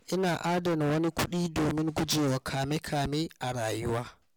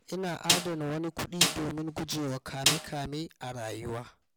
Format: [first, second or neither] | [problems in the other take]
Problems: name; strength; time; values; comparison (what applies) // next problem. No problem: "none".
first | background sound (Snare drum); 3 dB above the speech